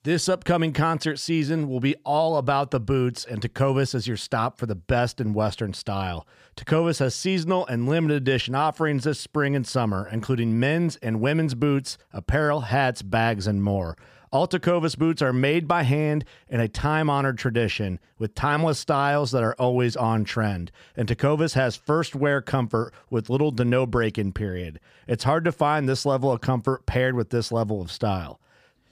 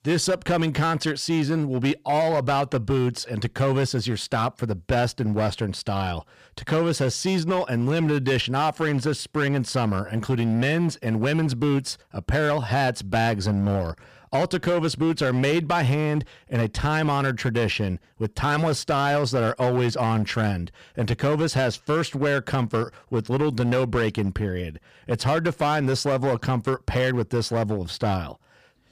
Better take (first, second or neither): first